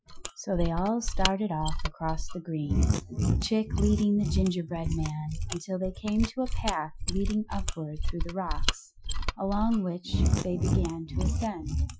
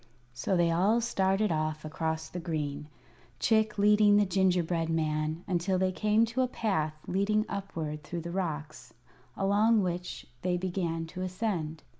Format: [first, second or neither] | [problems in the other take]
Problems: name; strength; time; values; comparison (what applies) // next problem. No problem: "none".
second | noise reduction (classical method Wiener filter)